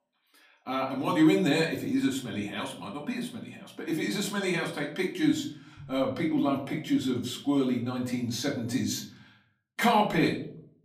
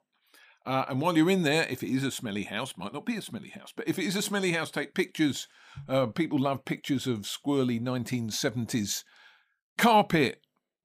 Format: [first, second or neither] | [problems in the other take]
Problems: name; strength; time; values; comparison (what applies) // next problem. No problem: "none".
second | off-mic speech; far // room echo; slight; dies away in 0.5 s